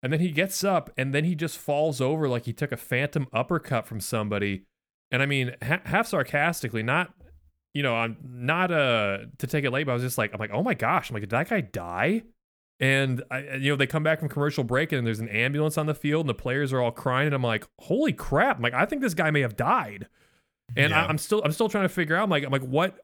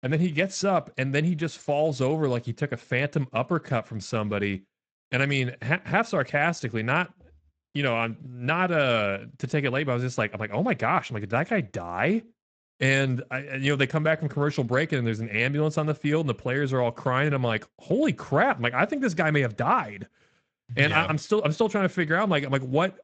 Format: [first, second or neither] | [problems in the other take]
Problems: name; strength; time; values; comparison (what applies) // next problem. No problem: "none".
first | garbled, watery; slightly; nothing above 7.5 kHz